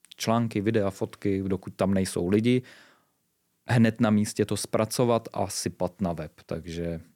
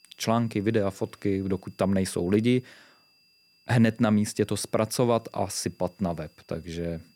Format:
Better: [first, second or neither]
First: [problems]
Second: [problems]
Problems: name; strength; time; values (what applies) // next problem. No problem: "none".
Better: first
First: none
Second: high-pitched whine; faint; throughout; 5 kHz, 35 dB below the speech